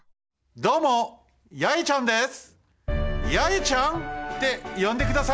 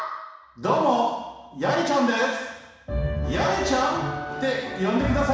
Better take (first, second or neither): first